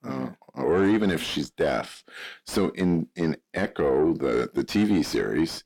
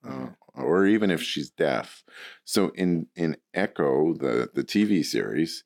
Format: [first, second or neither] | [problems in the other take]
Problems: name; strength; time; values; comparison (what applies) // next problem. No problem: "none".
second | distortion; slight; 10 dB below the speech